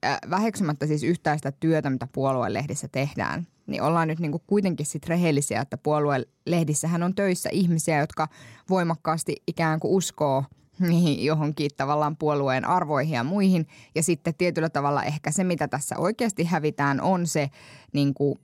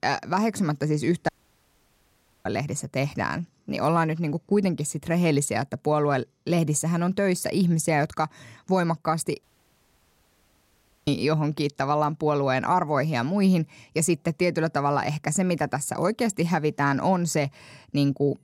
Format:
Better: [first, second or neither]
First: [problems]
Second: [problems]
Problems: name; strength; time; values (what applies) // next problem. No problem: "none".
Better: first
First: none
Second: audio cutting out; at 1.5 s for 1 s and at 9.5 s for 1.5 s